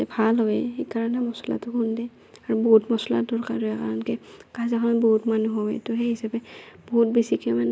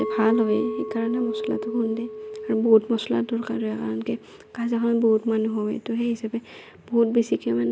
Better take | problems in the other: first | background sound (Chink, clink); 10 dB below the speech

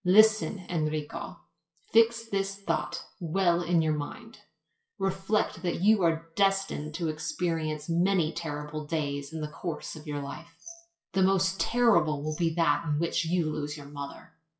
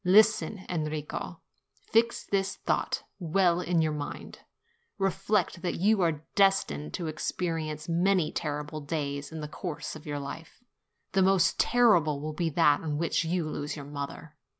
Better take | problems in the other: second | noise reduction (classical method WPE with log-MMSE)

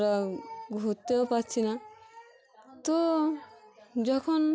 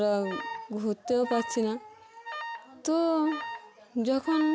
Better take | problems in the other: first | background sound (Alarm); 12 dB below the speech

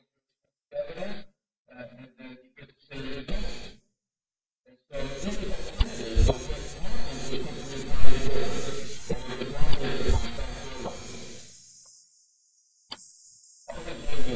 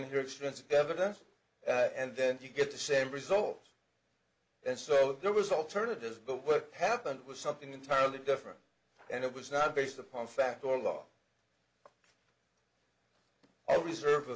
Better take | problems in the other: second | noise reduction (neural mask model DeepFilterNet 3)

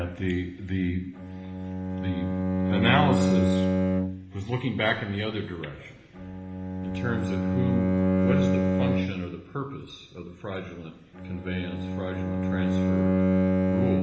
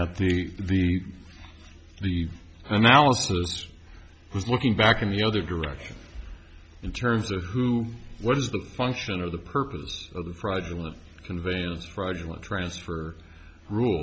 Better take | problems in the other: second | background sound (Bowed string instrument); 5 dB above the speech // room echo; dies away in 1.1 s

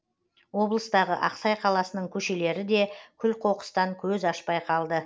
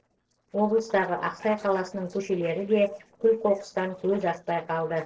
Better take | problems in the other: first | noise reduction (neural separator model SepFormer DNS4)

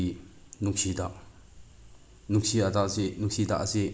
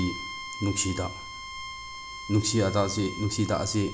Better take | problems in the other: first | background sound (Bowed string instrument); 11 dB below the speech

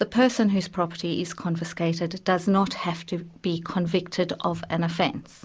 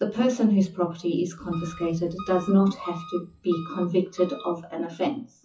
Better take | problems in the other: first | noise reduction (classical method WPE with log-MMSE)

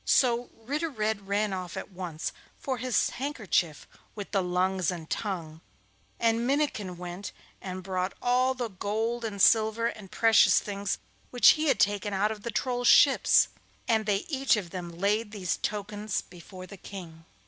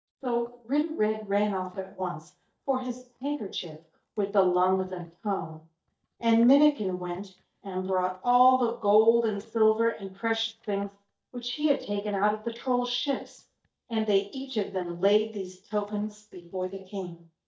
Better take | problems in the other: first | noise reduction (neural mask model DeepFilterNet 3)

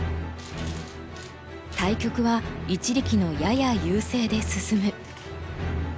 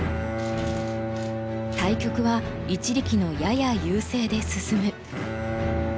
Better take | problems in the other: first | background sound (Bowed string instrument); 5 dB below the speech

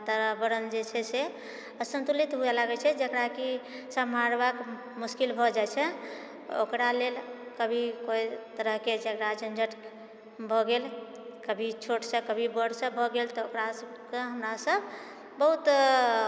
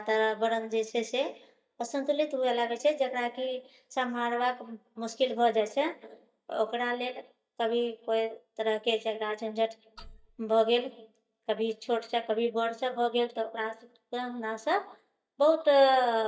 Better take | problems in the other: first | noise reduction (neural mask model DeepFilterNet 3)

